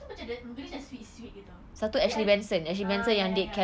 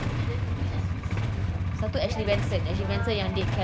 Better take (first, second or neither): first